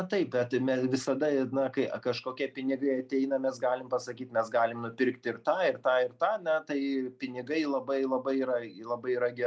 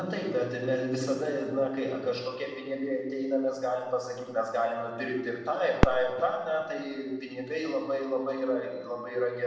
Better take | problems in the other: first | background sound (Fireworks); 8 dB below the speech // room echo; dies away in 1.1 s

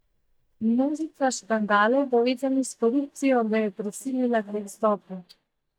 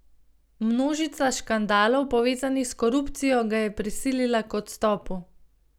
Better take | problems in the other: second | noise reduction (neural mask model DeepFilterNet 3)

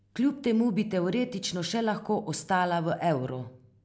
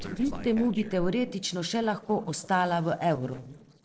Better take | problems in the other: first | noise reduction (neural separator model SepFormer DNS4)

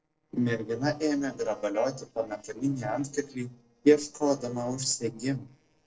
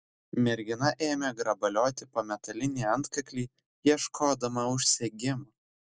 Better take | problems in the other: second | noise reduction (neural separator model SepFormer DNS4)

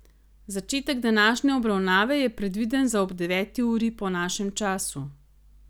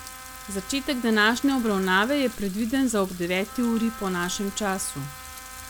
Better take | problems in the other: first | background sound (Sink (filling or washing) / Water tap, faucet + Wind instrument, woodwind instrument); 15 dB below the speech

